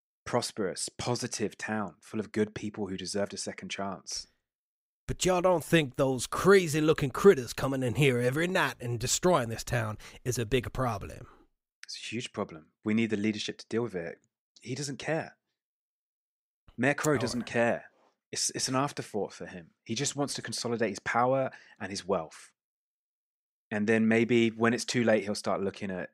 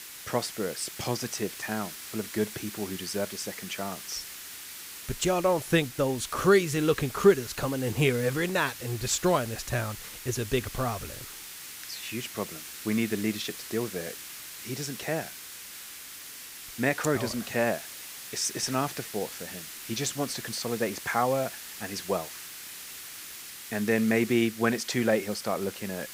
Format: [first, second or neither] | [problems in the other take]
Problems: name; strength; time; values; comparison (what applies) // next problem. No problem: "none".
first | hiss; noticeable; throughout; 10 dB below the speech